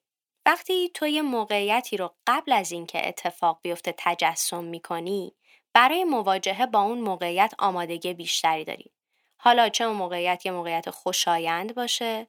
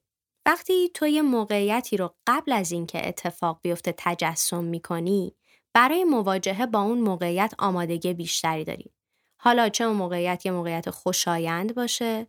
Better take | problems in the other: second | thin; somewhat; fading below 300 Hz

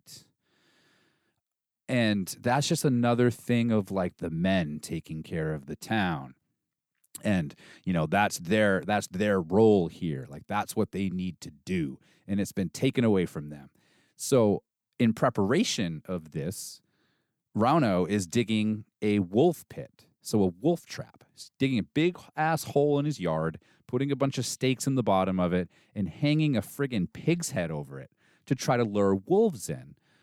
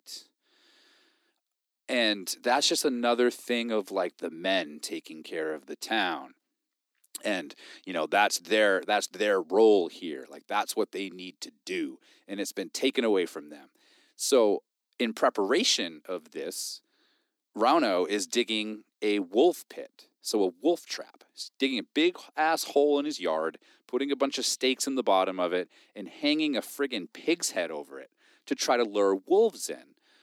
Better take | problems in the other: first | thin; somewhat; fading below 250 Hz

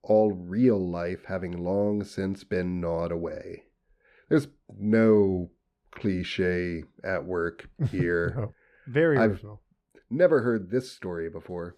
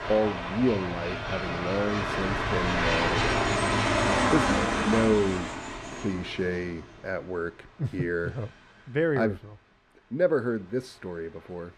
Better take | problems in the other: first | train or aircraft noise; very loud; throughout; 2 dB above the speech

